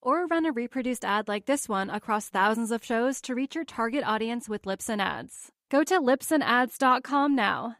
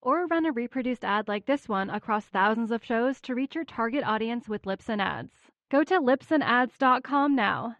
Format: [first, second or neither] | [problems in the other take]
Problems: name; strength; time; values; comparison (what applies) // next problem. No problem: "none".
first | muffled; slightly; fading above 3.5 kHz